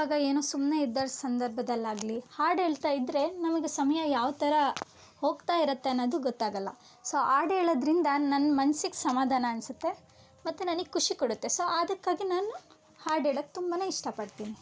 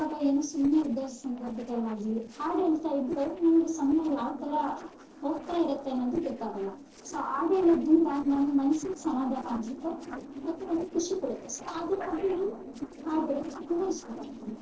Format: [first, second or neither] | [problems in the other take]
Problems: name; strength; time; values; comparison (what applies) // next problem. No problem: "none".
first | noise reduction (neural separator model SepFormer DNS4)